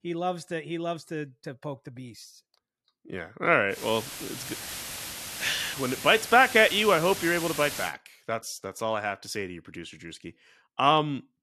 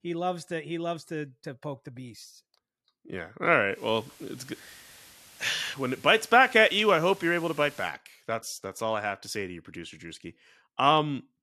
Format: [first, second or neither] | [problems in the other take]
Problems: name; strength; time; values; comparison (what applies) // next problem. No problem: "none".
second | hiss; loud; from 3.5 to 8 s; 10 dB below the speech; faint in the second